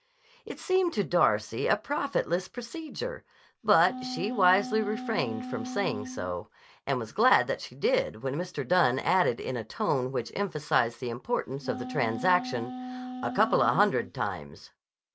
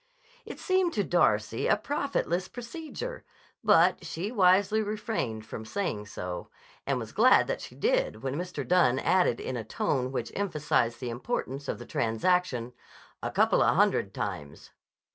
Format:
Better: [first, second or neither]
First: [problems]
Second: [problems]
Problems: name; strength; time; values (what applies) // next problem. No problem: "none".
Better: second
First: background sound (Wind instrument, woodwind instrument); 9 dB below the speech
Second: none